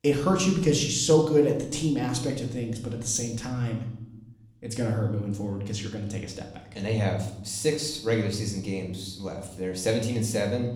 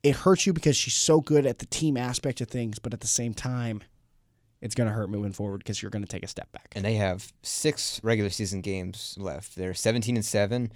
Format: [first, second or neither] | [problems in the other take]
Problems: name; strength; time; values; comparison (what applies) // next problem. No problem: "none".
second | room echo; slight; dies away in 0.8 s // off-mic speech; somewhat distant